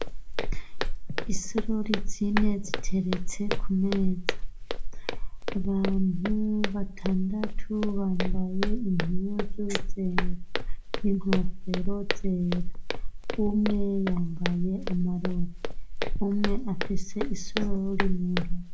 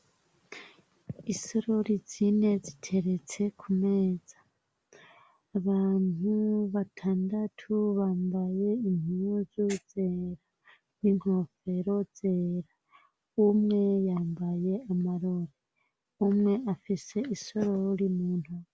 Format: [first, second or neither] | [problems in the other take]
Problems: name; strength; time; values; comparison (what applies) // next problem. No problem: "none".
second | background sound (Walk, footsteps); 4 dB above the speech // room echo; dies away in 0.3 s